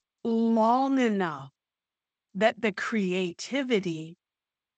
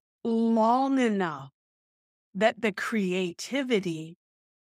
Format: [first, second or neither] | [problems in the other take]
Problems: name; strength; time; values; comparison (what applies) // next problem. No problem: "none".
second | garbled, watery; slightly; nothing above 7.5 kHz